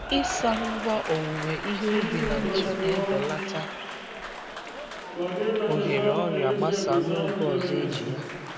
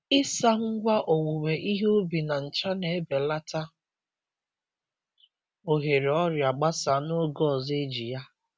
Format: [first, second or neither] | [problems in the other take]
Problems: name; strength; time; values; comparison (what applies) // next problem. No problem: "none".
second | background sound (Applause); 1 dB above the speech